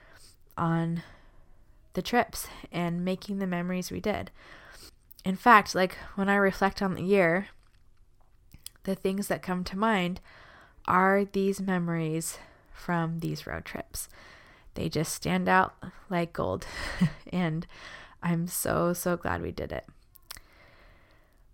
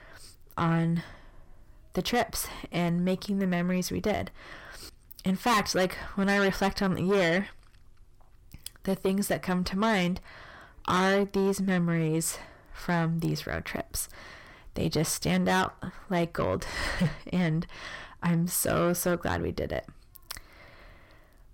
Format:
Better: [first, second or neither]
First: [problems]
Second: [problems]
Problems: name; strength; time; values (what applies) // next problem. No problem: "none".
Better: first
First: none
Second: distortion; heavy; 6 dB below the speech